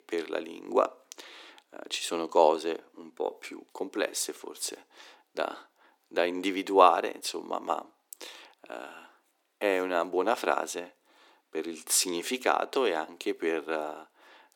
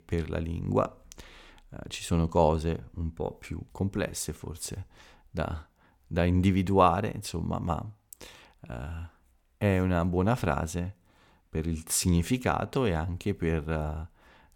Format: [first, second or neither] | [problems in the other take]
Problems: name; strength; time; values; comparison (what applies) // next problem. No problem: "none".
second | thin; very; fading below 300 Hz